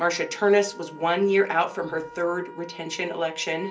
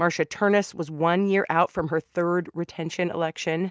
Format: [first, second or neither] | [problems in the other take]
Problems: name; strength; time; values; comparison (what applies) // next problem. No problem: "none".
second | background sound (Wind instrument, woodwind instrument); 19 dB below the speech // room echo; dies away in 0.3 s